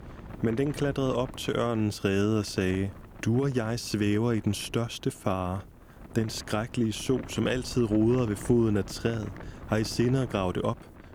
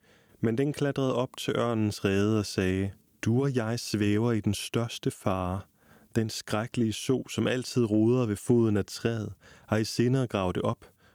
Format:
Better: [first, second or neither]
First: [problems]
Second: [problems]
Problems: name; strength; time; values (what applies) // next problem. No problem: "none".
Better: second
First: wind noise on the microphone; occasional gusts; 15 dB below the speech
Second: none